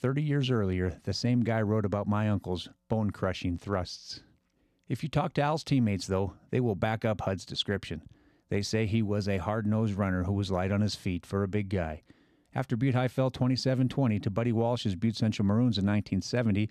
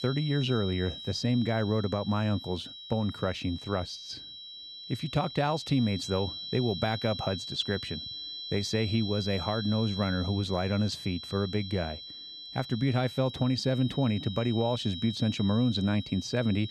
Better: first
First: none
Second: high-pitched whine; loud; throughout; 4 kHz, 9 dB below the speech

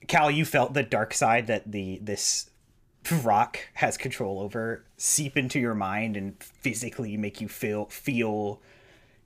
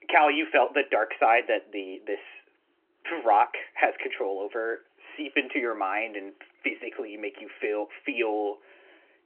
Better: first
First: none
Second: phone-call audio; nothing above 3 kHz

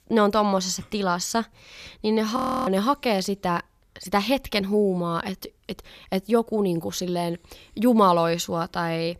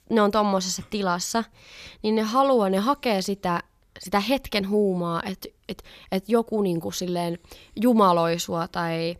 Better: second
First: audio freezing; at 2.5 s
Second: none

